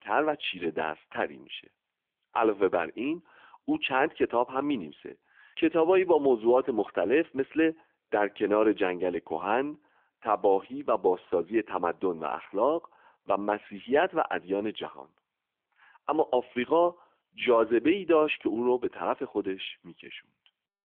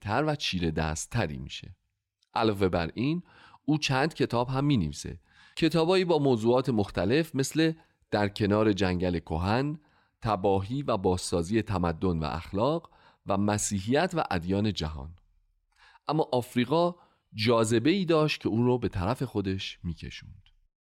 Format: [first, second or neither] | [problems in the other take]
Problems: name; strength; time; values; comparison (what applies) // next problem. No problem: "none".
second | phone-call audio; nothing above 3.5 kHz